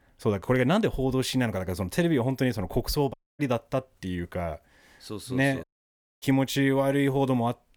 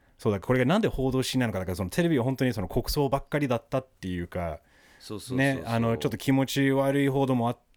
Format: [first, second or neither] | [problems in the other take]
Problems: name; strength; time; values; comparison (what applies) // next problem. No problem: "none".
second | audio cutting out; at 3 s and at 5.5 s for 0.5 s